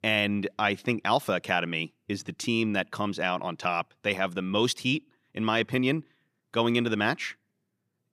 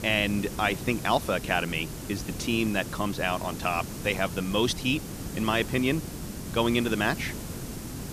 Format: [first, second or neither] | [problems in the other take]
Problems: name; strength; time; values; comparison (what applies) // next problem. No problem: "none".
first | hiss; loud; throughout; 9 dB below the speech